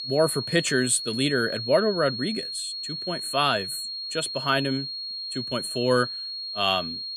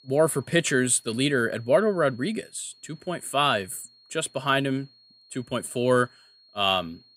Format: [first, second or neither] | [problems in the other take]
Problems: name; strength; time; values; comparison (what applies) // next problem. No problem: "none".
second | high-pitched whine; loud; throughout; 4.5 kHz, 5 dB below the speech; faint in the second